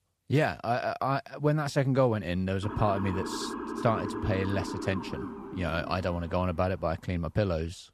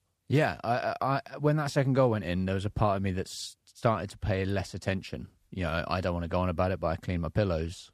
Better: second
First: siren; noticeable; from 2.5 to 6.5 s; peak 5 dB below the speech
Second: none

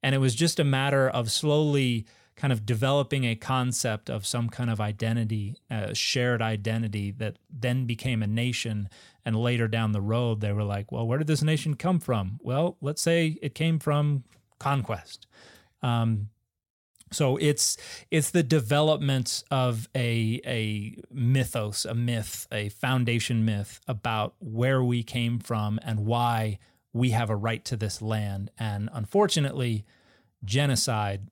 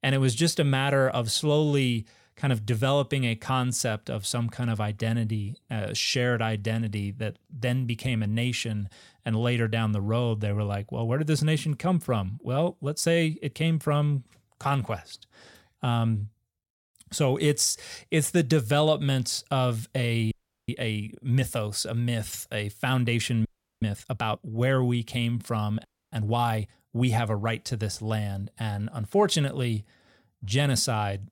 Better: first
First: none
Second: audio freezing; at 20 s, at 23 s and at 26 s

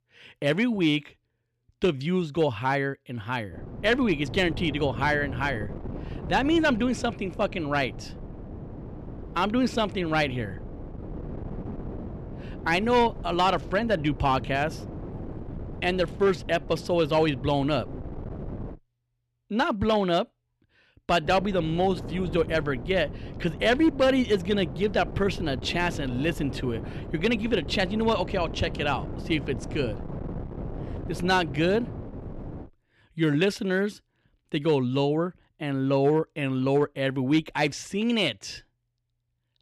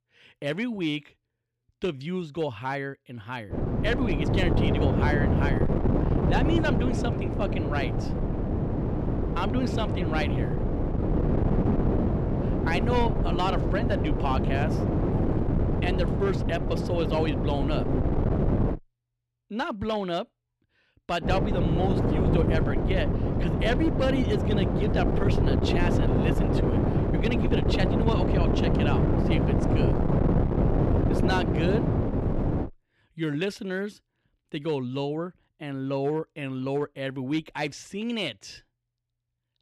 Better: first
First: wind noise on the microphone; occasional gusts; from 3.5 to 19 s and from 21 to 33 s; 15 dB below the speech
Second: wind noise on the microphone; heavy; from 3.5 to 19 s and from 21 to 33 s; as loud as the speech

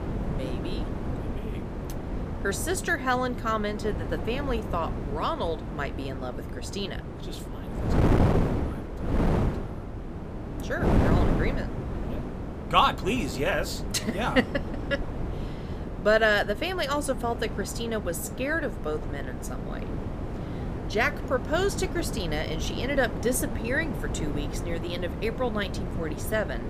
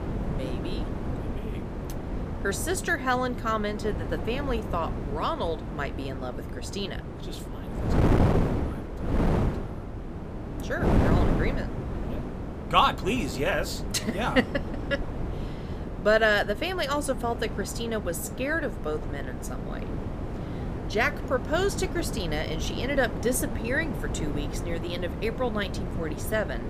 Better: neither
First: wind noise on the microphone; heavy; 9 dB below the speech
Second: wind noise on the microphone; heavy; 9 dB below the speech

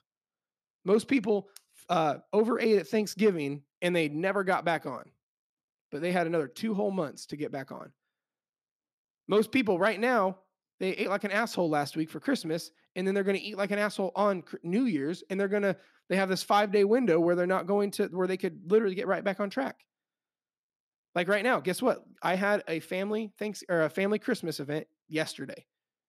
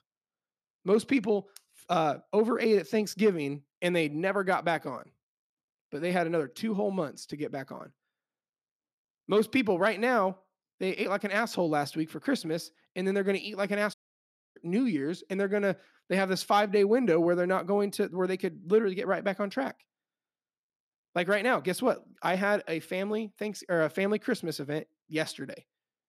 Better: first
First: none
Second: audio cutting out; at 14 s for 0.5 s

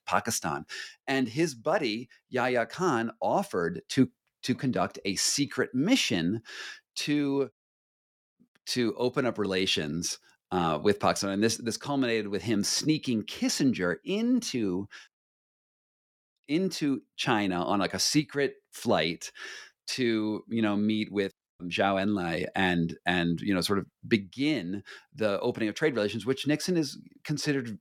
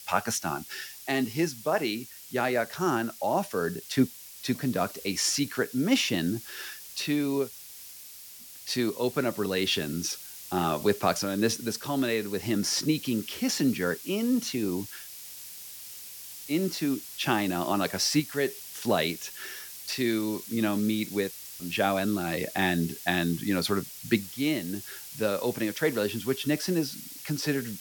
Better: first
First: none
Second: hiss; noticeable; throughout; 10 dB below the speech

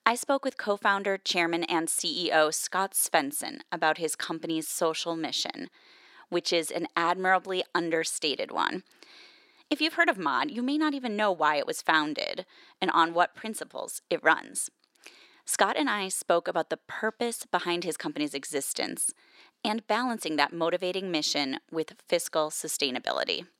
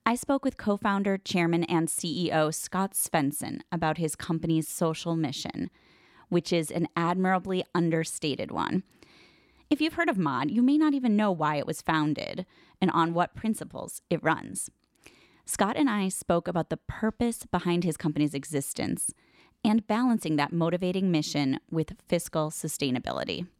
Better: second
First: thin; somewhat; fading below 450 Hz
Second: none

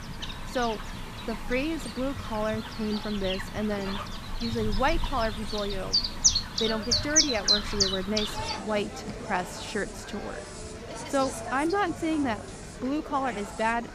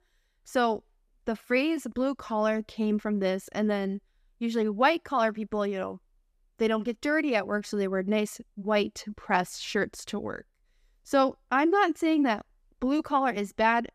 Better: second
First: animal sounds; very loud; throughout; 1 dB above the speech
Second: none

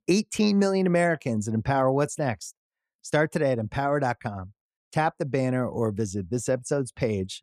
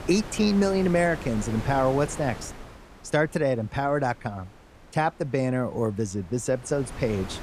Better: first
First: none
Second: wind noise on the microphone; occasional gusts; 15 dB below the speech

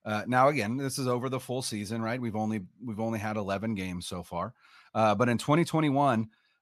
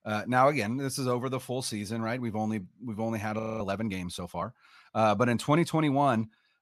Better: first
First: none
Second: audio freezing; at 3.5 s

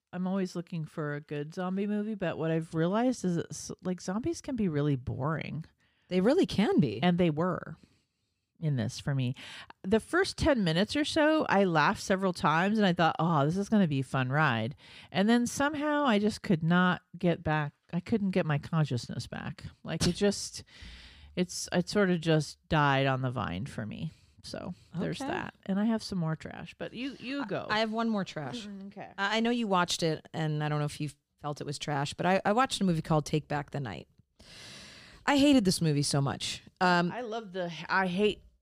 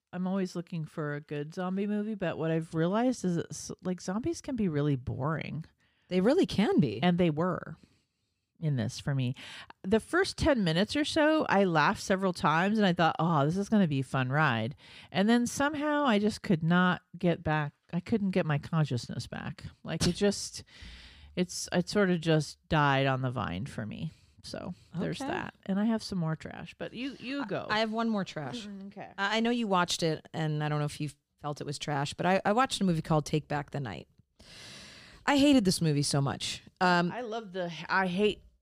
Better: neither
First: none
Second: none

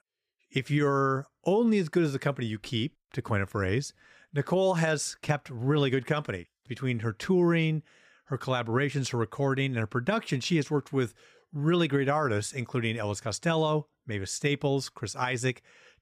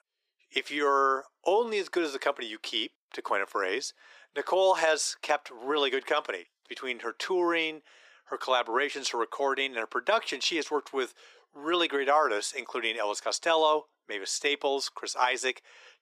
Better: first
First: none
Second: thin; very; fading below 350 Hz

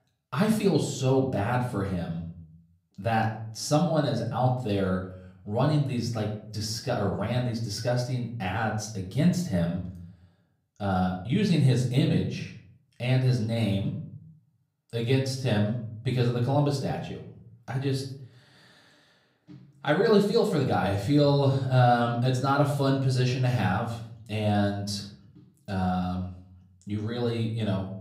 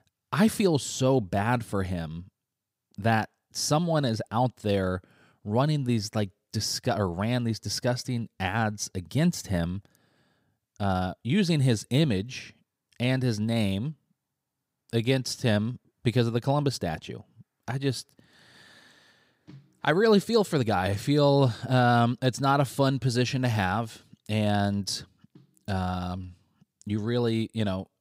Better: second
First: off-mic speech; far // room echo; slight; dies away in 0.6 s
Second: none

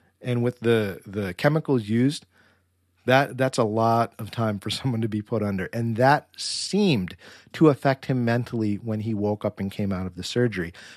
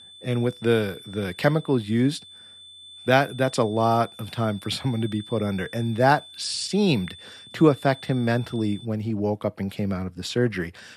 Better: first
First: none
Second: high-pitched whine; noticeable; until 9 s; 3.5 kHz, 20 dB below the speech

